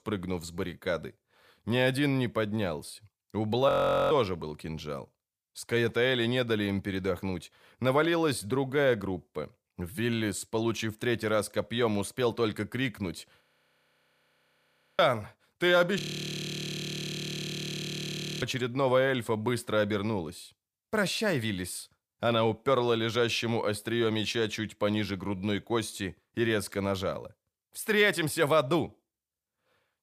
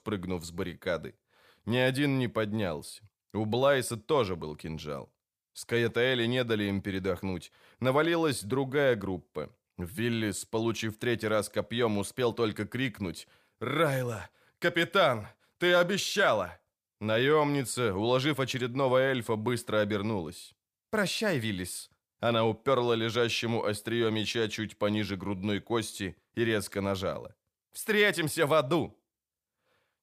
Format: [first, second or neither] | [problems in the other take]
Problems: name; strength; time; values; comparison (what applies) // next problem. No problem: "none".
second | audio freezing; at 3.5 s, at 13 s for 1.5 s and at 16 s for 2.5 s